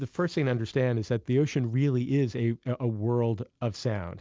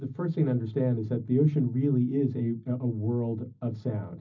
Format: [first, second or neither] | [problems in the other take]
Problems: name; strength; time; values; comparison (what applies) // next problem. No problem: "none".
first | room echo; dies away in 0.4 s